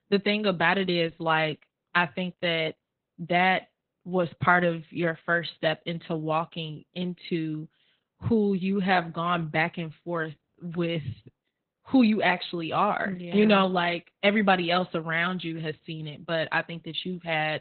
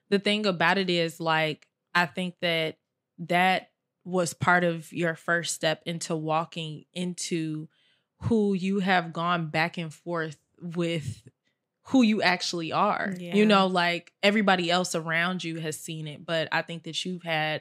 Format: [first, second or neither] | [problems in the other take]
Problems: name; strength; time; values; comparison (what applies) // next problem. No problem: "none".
second | garbled, watery; badly; nothing above 4 kHz